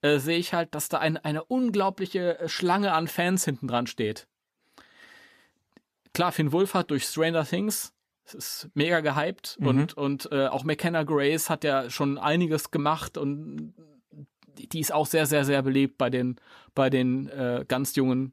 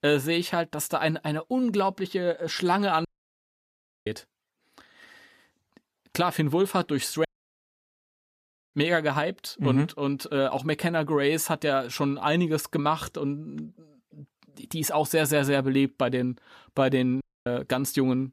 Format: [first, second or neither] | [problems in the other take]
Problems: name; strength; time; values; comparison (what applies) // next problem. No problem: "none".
first | audio cutting out; at 3 s for 1 s, at 7.5 s for 1.5 s and at 17 s